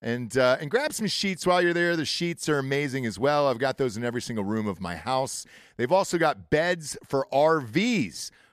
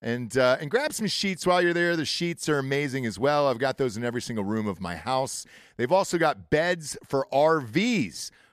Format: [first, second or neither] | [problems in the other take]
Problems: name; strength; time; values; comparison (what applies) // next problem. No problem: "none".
neither | none